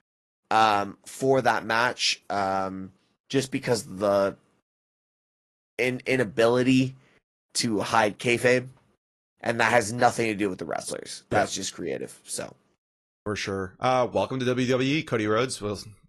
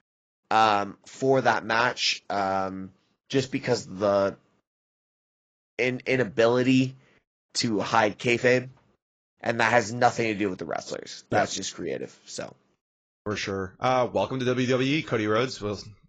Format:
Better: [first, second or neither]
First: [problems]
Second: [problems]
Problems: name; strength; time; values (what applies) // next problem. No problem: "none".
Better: first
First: garbled, watery; slightly; nothing above 11.5 kHz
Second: garbled, watery; badly; nothing above 7.5 kHz